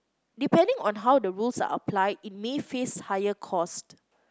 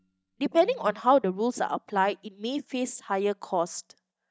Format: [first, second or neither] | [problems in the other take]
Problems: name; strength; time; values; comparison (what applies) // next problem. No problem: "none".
first | noise reduction (neural mask model DeepFilterNet 3)